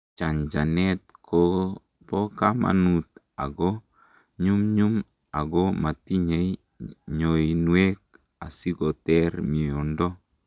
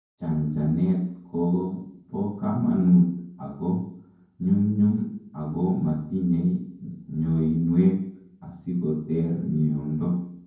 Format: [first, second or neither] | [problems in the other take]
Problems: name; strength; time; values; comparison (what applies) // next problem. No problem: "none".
first | room echo; dies away in 0.9 s